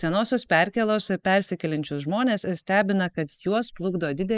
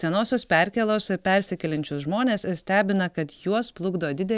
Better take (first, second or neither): second